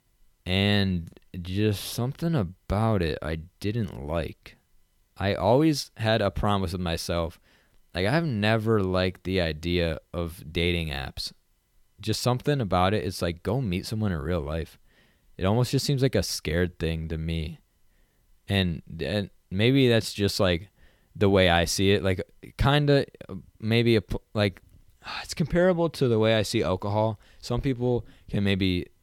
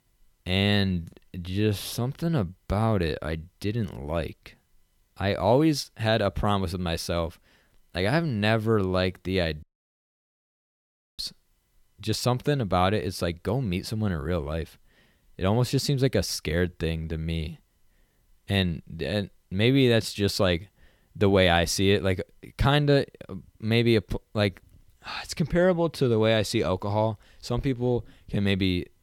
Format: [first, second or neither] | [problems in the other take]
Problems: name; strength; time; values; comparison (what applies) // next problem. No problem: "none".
first | audio cutting out; at 9.5 s for 1.5 s